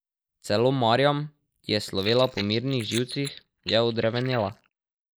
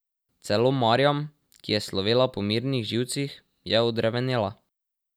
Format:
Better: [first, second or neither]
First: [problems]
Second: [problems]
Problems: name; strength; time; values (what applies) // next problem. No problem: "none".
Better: second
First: noise reduction (neural mask model Resemble Enhance denoiser)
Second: none